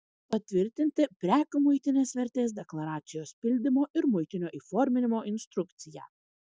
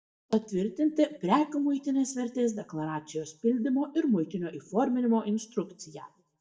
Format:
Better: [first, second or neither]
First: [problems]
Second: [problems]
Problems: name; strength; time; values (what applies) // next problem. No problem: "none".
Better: first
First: none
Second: room echo; dies away in 0.4 s